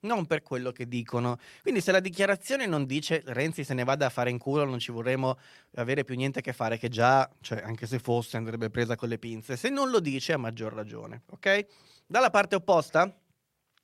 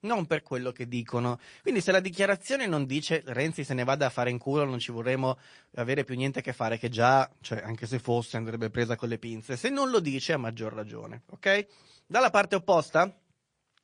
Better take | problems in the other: first | garbled, watery; slightly; nothing above 9 kHz

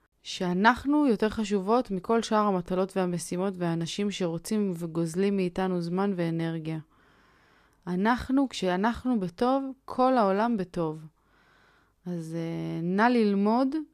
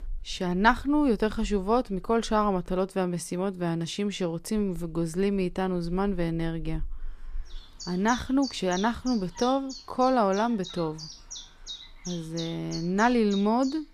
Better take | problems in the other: first | animal sounds; noticeable; throughout; 15 dB below the speech

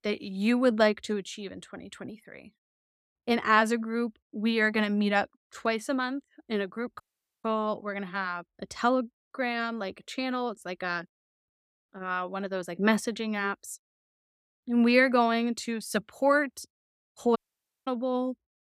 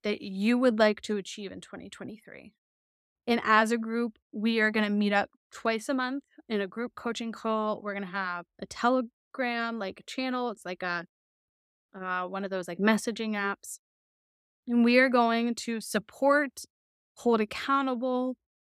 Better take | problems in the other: second | audio cutting out; at 7 s and at 17 s for 0.5 s

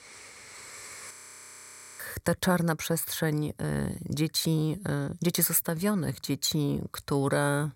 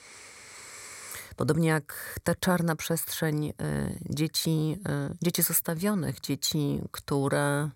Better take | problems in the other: second | audio freezing; at 1 s for 1 s

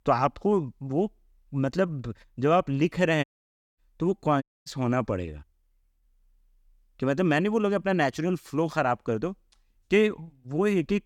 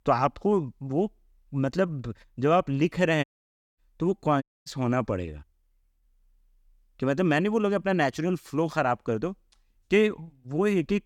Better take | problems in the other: neither | audio cutting out; at 3 s for 0.5 s and at 4.5 s; the same in both

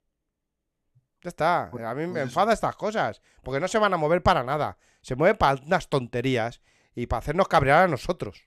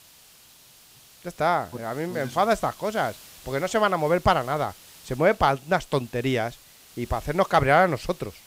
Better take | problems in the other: first | hiss; faint; throughout; 20 dB below the speech

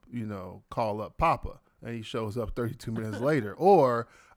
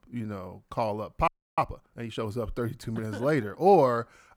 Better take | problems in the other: first | audio freezing; at 1.5 s

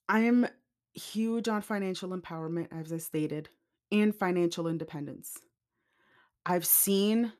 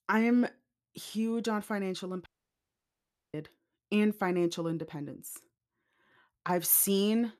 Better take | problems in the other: first | audio cutting out; at 2.5 s for 1 s

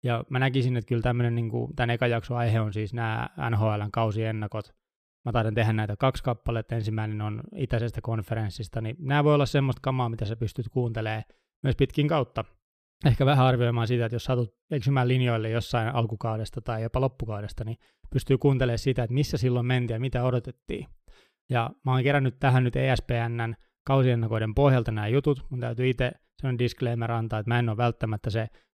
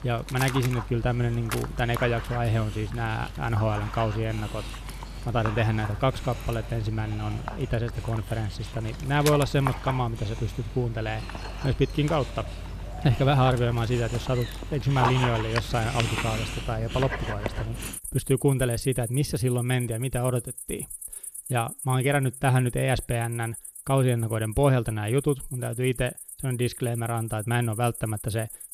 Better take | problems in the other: first | animal sounds; loud; throughout; 9 dB below the speech

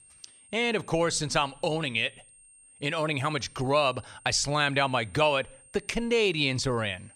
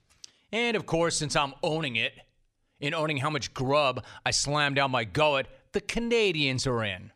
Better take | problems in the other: second | high-pitched whine; faint; throughout; 8.5 kHz, 25 dB below the speech

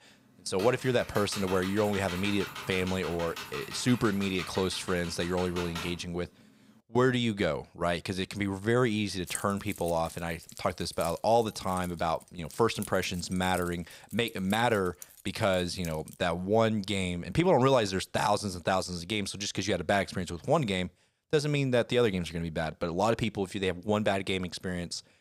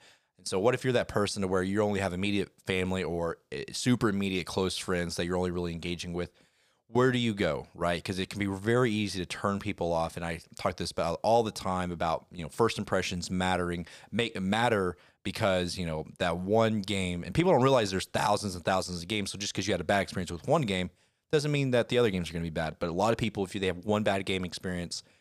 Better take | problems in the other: second | keyboard typing; noticeable; from 0.5 to 6.5 s; peak 8 dB below the speech // jangling keys; noticeable; from 9.5 to 16 s; peak 8 dB below the speech

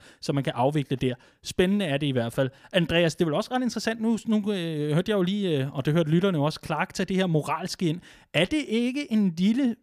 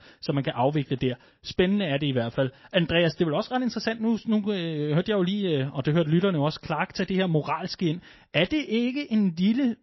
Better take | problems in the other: first | garbled, watery; slightly; nothing above 5.5 kHz

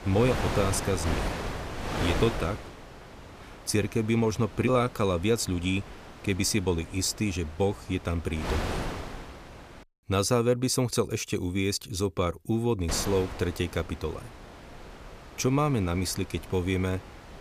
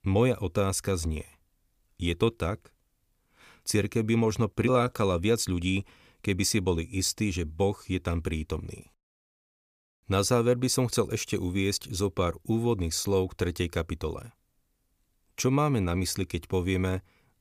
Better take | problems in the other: second | wind noise on the microphone; heavy; until 10 s and from 13 s on; 8 dB below the speech

